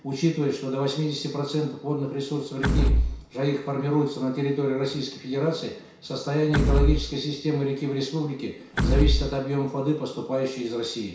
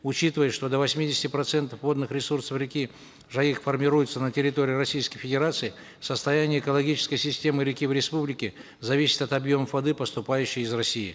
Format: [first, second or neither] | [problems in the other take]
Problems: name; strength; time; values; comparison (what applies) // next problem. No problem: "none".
second | background sound (Door / Wood); 1 dB above the speech // room echo; dies away in 0.6 s